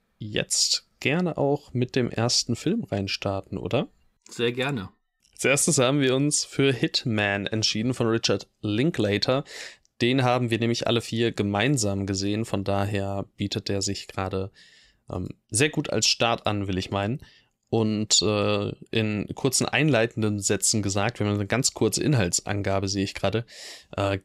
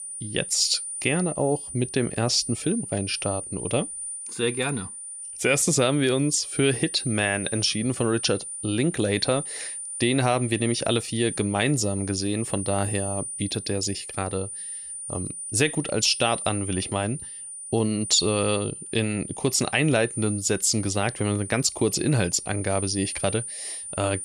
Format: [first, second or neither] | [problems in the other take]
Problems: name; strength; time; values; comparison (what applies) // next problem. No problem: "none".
first | high-pitched whine; loud; throughout; 9.5 kHz, 8 dB below the speech